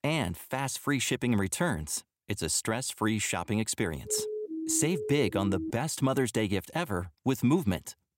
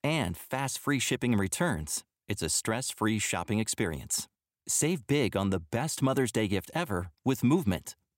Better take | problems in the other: second | siren; noticeable; from 4 to 5.5 s; peak 6 dB below the speech

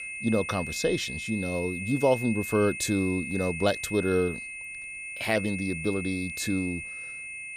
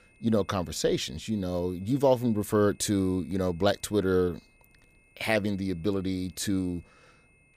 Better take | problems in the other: second | high-pitched whine; loud; throughout; 2.5 kHz, 6 dB below the speech; faint in the second

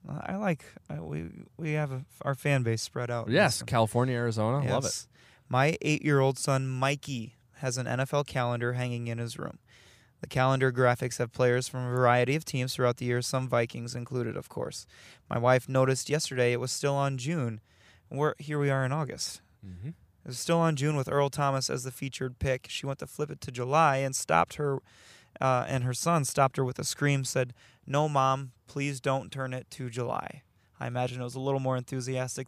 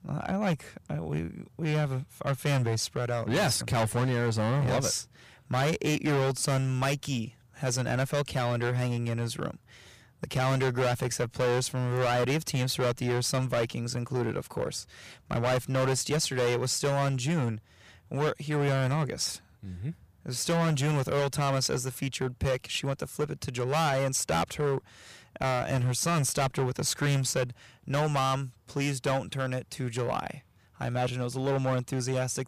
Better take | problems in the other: first | distortion; heavy; 14% of the sound clipped

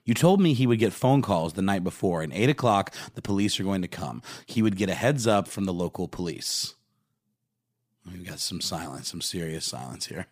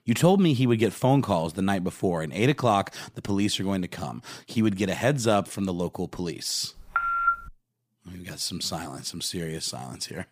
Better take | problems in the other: first | phone ringing; loud; at 7 s; peak 2 dB above the speech

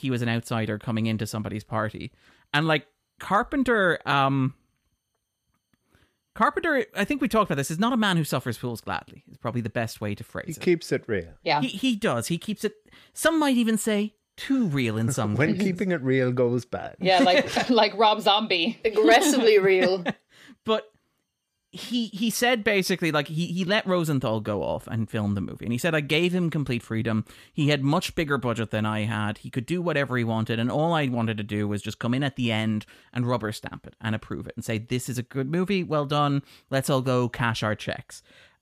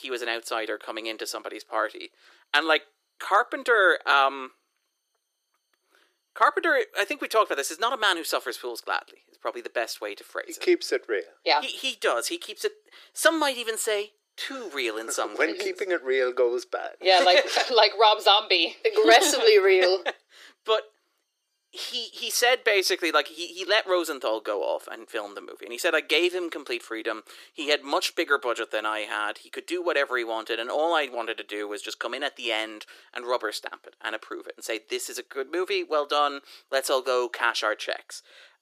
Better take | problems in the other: first | thin; very; fading below 350 Hz

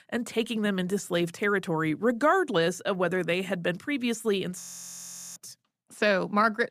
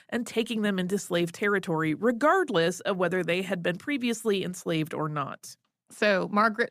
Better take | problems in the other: second | audio freezing; at 4.5 s for 1 s

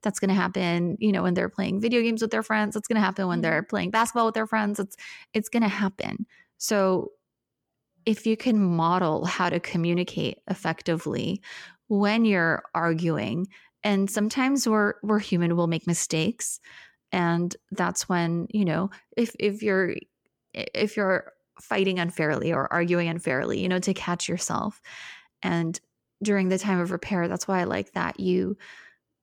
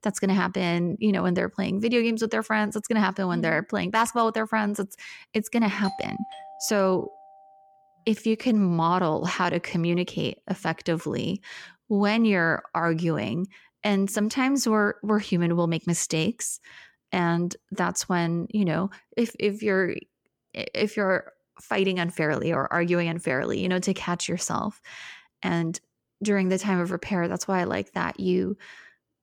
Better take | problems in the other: first | doorbell; faint; from 6 to 7.5 s; peak 10 dB below the speech

